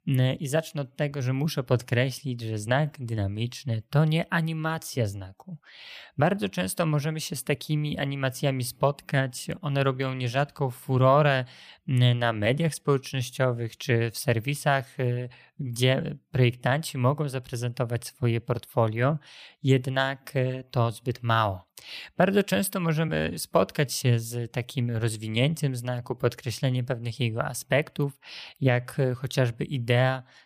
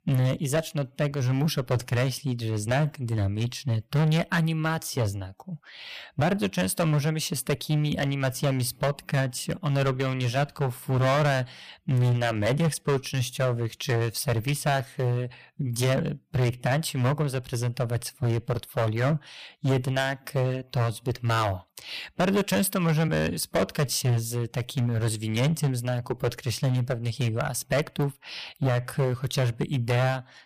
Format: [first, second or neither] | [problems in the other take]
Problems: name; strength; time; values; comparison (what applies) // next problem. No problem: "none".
first | distortion; heavy; 11% of the sound clipped